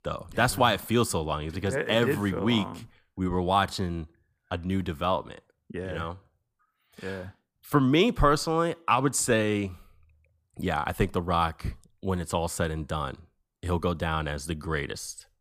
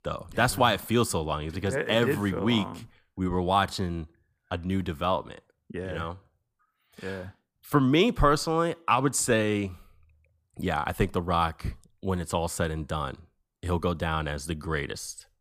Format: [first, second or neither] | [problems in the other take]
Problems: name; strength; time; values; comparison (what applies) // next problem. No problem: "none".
neither | none